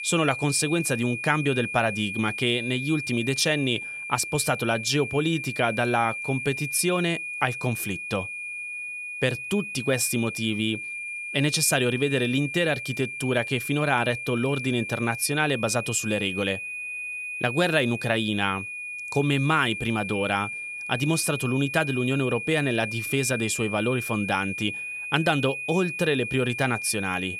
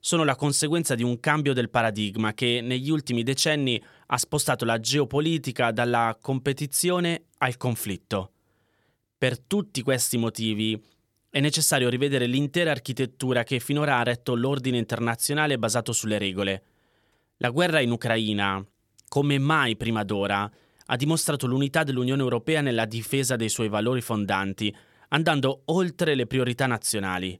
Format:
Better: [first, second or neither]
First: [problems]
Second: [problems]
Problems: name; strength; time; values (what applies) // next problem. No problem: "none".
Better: second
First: high-pitched whine; loud; throughout; 2.5 kHz, 6 dB below the speech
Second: none